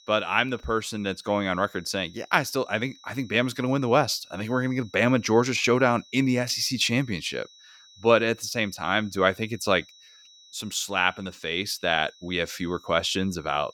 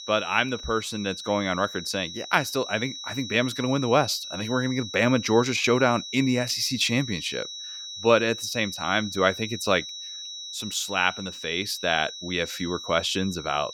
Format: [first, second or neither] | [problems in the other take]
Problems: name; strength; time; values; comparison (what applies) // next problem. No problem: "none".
first | high-pitched whine; loud; throughout; 4 kHz, 10 dB below the speech; faint in the first